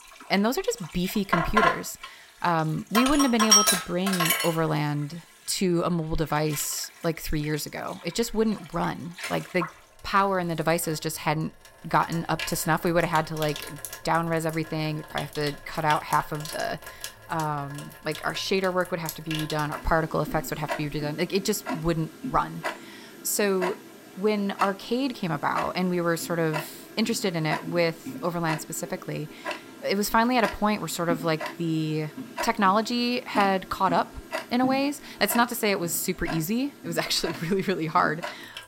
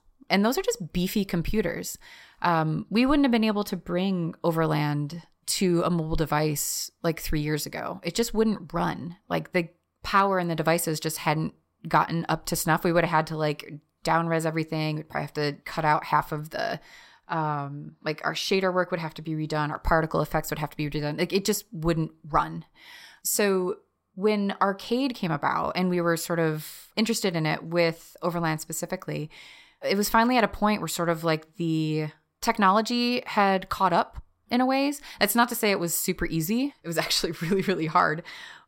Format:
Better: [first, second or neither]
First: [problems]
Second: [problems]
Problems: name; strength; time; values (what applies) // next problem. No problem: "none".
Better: second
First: household noises; loud; throughout; 4 dB below the speech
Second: none